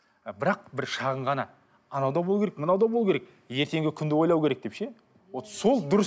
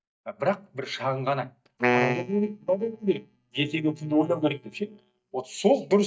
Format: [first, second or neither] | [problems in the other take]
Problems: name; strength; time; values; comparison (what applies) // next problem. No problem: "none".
first | noise reduction (neural mask model DeepFilterNet 3)